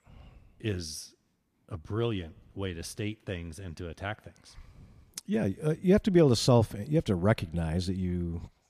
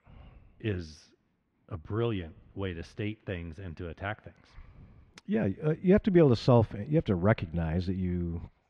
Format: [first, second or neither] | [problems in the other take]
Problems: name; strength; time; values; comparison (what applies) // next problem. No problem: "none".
first | muffled; slightly; fading above 2.5 kHz